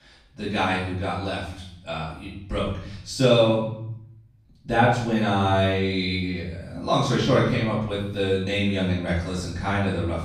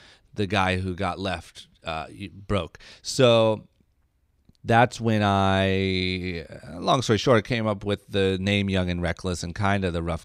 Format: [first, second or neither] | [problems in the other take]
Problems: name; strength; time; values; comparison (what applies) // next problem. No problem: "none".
second | off-mic speech; far // room echo; noticeable; dies away in 0.8 s